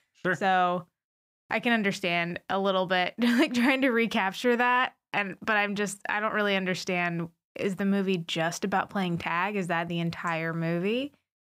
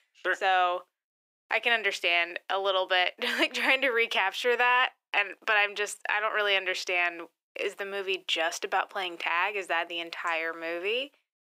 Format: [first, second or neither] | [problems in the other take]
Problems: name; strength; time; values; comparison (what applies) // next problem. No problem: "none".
first | thin; very; fading below 350 Hz